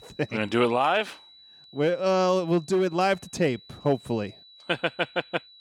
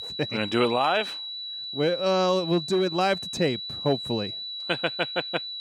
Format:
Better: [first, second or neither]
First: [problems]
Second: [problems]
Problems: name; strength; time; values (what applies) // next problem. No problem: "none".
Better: first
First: high-pitched whine; faint; throughout; 4 kHz, 25 dB below the speech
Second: high-pitched whine; loud; throughout; 4 kHz, 6 dB below the speech